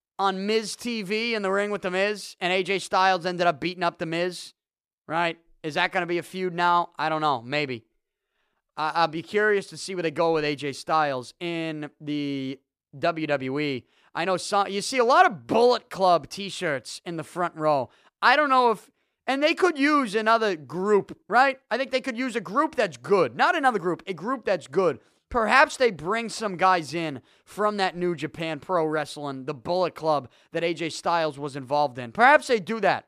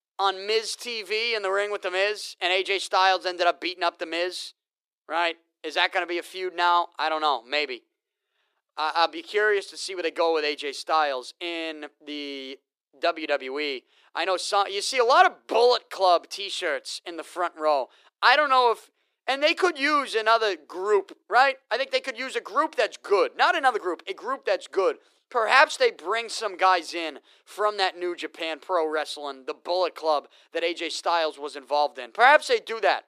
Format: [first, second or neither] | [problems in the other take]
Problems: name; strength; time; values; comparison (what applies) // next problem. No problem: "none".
first | thin; somewhat; fading below 350 Hz